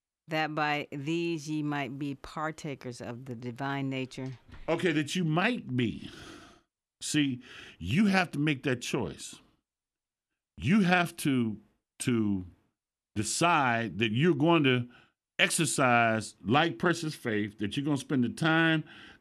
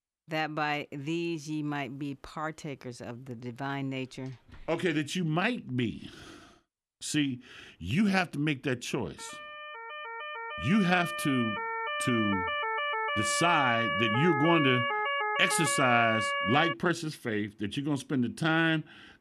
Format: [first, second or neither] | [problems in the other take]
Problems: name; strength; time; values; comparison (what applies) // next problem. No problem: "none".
first | siren; loud; from 9 to 17 s; peak 1 dB above the speech